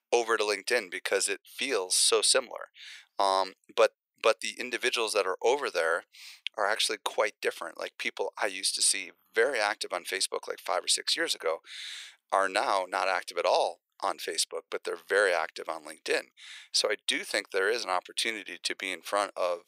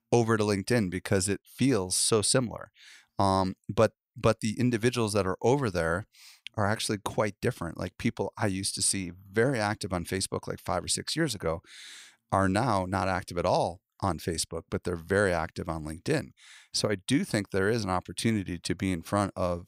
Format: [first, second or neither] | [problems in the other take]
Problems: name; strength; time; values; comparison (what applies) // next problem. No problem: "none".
second | thin; very; fading below 450 Hz